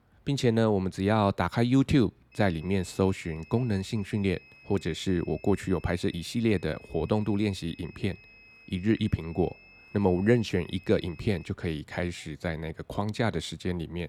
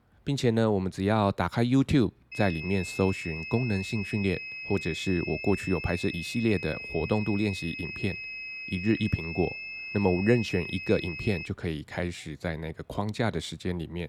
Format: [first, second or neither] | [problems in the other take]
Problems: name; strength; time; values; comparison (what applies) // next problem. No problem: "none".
first | high-pitched whine; loud; from 2.5 to 11 s; 2.5 kHz, 7 dB below the speech; faint in the first